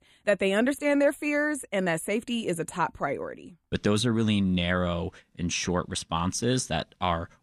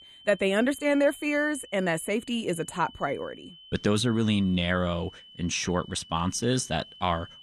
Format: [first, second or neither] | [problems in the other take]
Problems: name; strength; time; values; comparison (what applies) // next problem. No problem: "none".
first | high-pitched whine; faint; throughout; 3 kHz, 20 dB below the speech